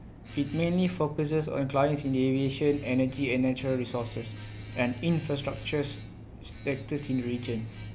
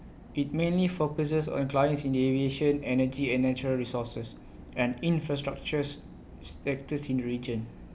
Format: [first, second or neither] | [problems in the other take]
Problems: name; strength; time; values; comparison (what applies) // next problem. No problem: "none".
second | background sound (Domestic sounds, home sounds); 14 dB below the speech